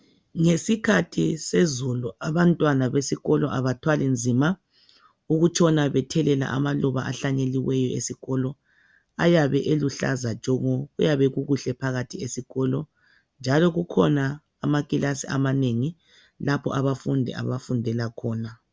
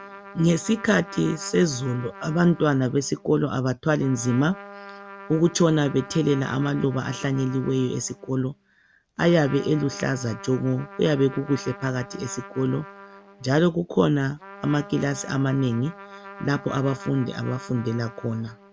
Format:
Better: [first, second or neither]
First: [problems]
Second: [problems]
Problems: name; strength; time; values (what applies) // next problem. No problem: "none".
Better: first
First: none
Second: background sound (Trumpet); 17 dB below the speech